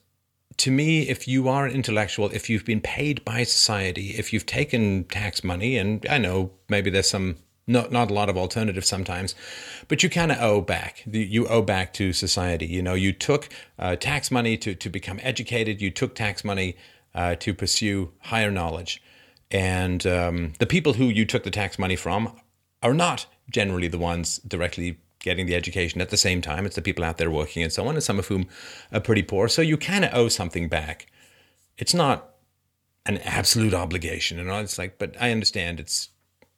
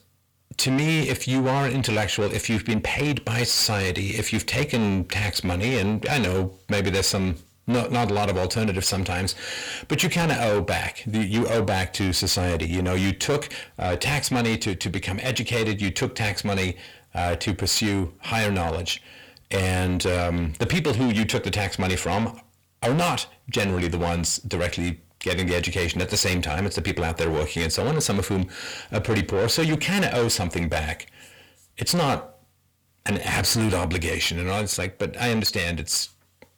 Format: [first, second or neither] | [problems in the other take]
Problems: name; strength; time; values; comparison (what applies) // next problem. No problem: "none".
first | distortion; heavy; 7 dB below the speech